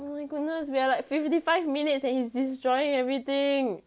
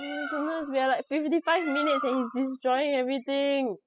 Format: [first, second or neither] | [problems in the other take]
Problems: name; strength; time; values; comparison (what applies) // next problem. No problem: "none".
first | noise reduction (classical method spectral subtraction)